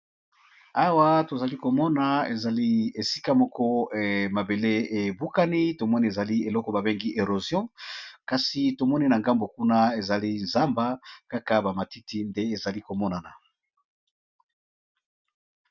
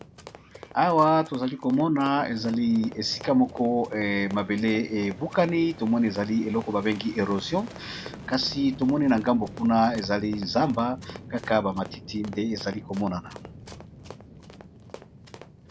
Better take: first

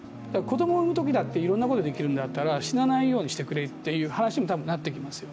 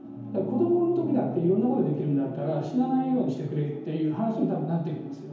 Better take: first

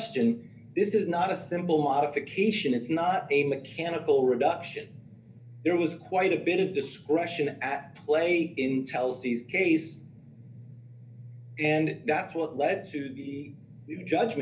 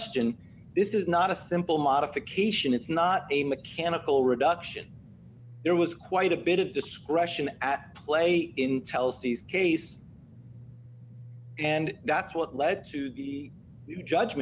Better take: second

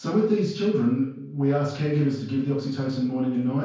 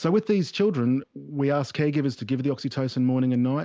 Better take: second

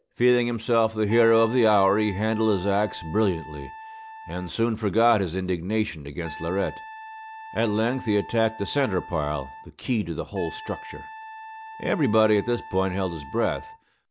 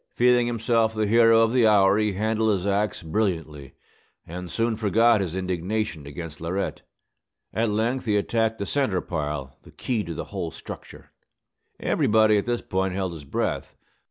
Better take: second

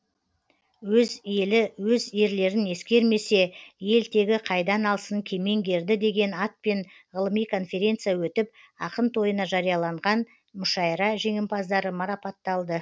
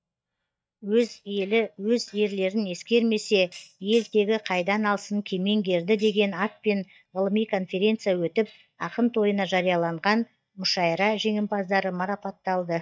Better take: first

